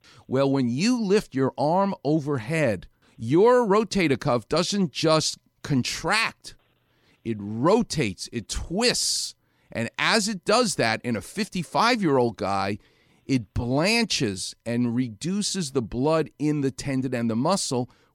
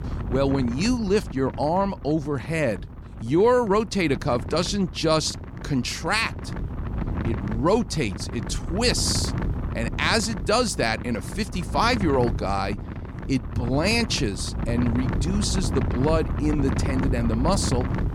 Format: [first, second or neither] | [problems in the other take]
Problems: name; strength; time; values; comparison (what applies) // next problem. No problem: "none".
first | wind noise on the microphone; occasional gusts; 10 dB below the speech